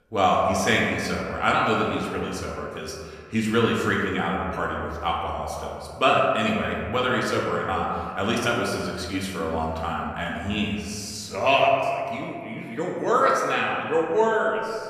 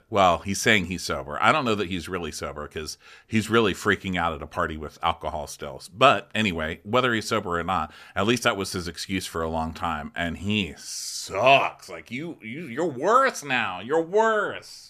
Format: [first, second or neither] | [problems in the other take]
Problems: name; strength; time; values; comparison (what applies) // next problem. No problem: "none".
second | room echo; noticeable; dies away in 1.9 s // off-mic speech; somewhat distant